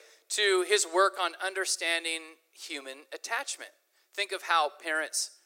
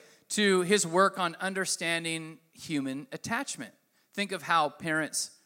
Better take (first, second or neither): second